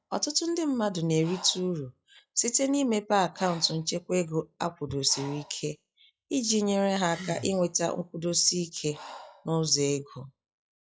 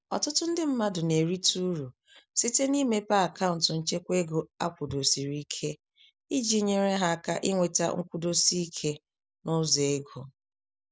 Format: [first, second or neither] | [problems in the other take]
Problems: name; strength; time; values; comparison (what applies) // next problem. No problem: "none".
second | noise reduction (classical method log-MMSE)